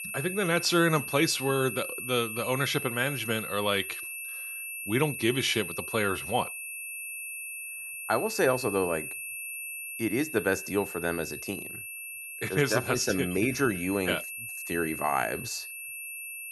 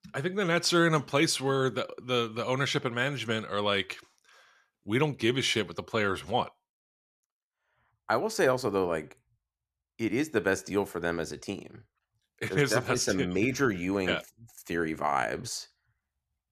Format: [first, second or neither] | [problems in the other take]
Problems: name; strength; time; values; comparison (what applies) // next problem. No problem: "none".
second | high-pitched whine; loud; throughout; 2.5 kHz, 7 dB below the speech